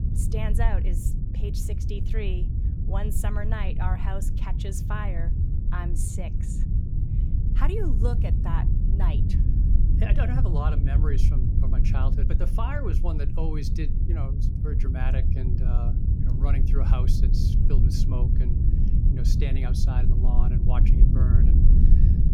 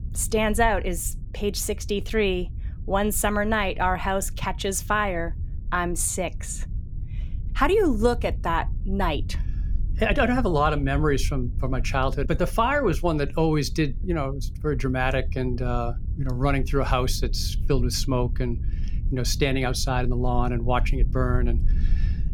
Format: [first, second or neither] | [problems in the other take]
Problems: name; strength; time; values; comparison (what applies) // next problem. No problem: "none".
second | low rumble; loud; throughout; 2 dB below the speech; faint in the second